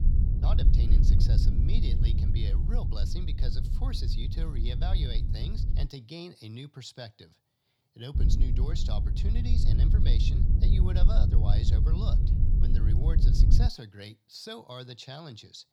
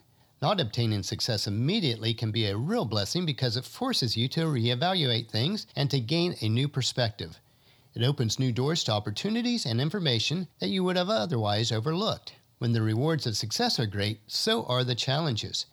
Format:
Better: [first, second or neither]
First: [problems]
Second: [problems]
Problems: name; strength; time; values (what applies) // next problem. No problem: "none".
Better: second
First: low rumble; loud; until 6 s and from 8 to 14 s; 1 dB below the speech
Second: none